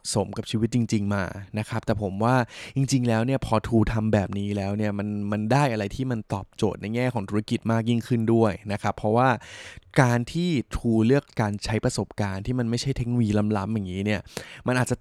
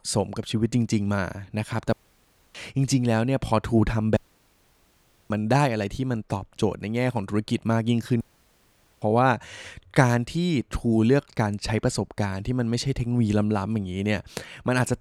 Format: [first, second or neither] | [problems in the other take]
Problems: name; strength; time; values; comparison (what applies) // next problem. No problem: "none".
first | audio cutting out; at 2 s for 0.5 s, at 4 s for 1 s and at 8 s for 1 s